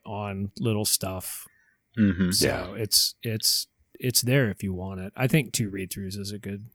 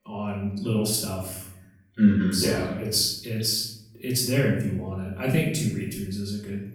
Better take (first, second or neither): first